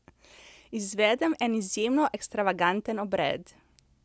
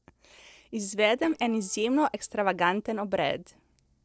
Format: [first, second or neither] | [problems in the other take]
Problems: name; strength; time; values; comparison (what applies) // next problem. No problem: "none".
first | noise reduction (neural separator model SepFormer DNS4)